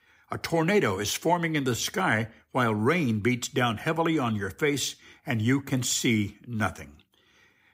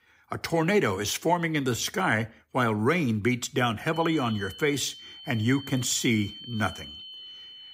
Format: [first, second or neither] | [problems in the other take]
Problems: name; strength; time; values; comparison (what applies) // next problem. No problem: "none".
first | high-pitched whine; noticeable; from 4 s on; 3 kHz, 15 dB below the speech